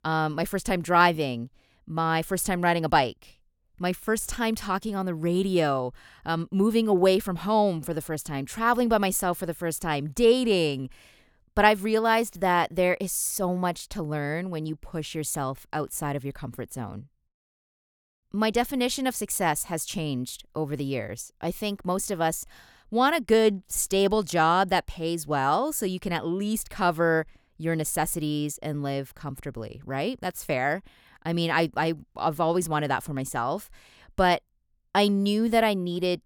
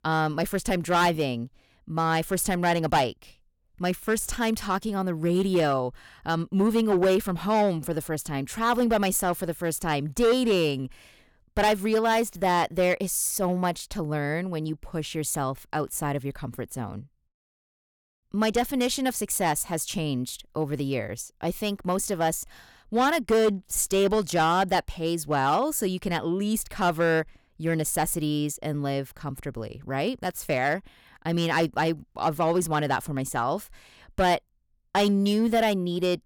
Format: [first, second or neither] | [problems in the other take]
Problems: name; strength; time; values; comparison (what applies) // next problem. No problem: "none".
first | distortion; slight; 4% of the sound clipped